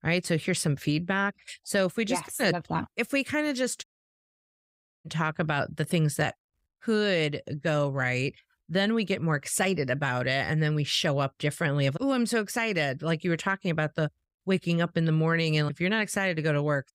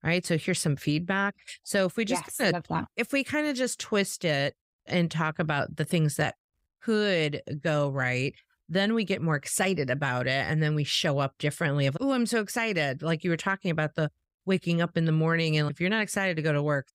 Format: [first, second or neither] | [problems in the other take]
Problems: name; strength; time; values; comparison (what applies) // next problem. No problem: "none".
second | audio cutting out; at 4 s for 1 s